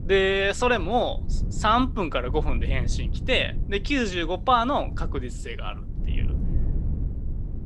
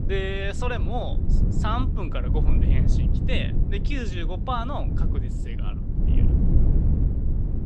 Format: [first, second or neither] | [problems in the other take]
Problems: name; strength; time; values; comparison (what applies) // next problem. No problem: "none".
first | low rumble; loud; throughout; 7 dB below the speech; faint in the first